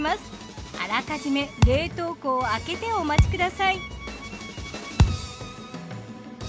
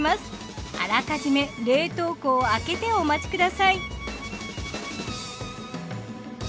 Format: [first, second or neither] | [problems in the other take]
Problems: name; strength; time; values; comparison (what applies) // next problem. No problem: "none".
second | background sound (Thump, thud); 4 dB above the speech